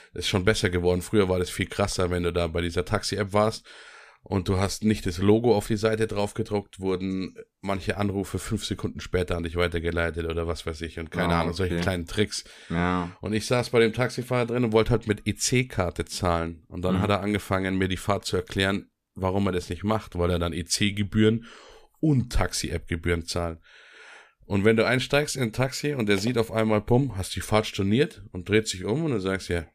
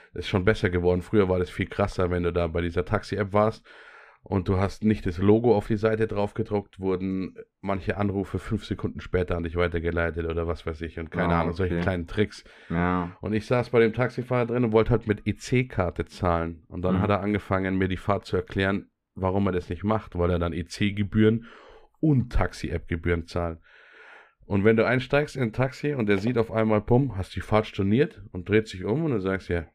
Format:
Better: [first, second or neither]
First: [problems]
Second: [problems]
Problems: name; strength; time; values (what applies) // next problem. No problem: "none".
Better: first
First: none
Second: muffled; slightly; fading above 3.5 kHz